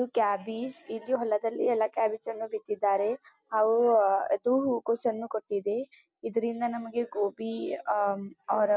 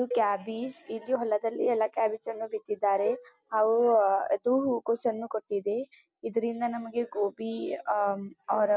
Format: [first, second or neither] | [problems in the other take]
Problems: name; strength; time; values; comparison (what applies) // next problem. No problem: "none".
first | background sound (Cowbell); 14 dB below the speech